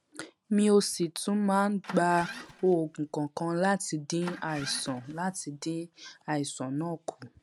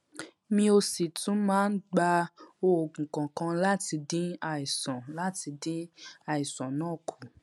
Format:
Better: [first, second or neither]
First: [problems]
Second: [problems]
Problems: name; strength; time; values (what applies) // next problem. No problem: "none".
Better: second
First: background sound (Engine starting); 16 dB below the speech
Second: none